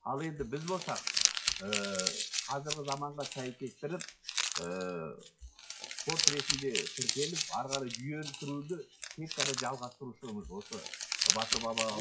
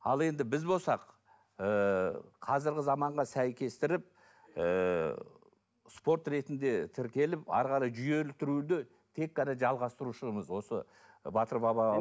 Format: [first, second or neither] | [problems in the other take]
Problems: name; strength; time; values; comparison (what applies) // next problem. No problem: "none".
second | noise reduction (classical method WPE with log-MMSE)